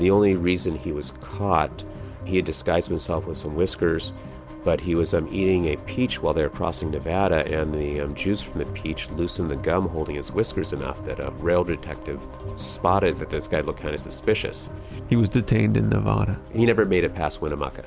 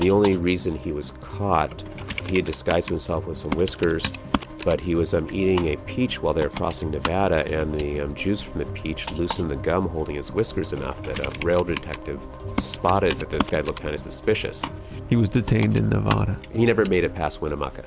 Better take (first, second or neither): first